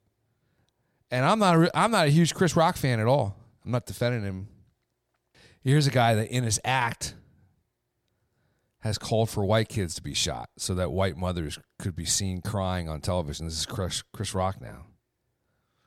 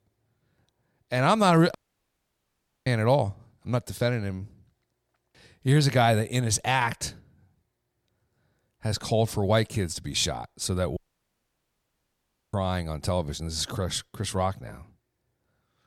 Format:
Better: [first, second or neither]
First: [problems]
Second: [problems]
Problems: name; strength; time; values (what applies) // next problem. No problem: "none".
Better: first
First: none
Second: audio cutting out; at 2 s for 1 s and at 11 s for 1.5 s